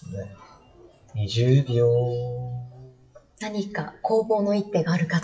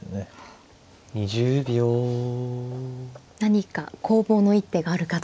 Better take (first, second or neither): second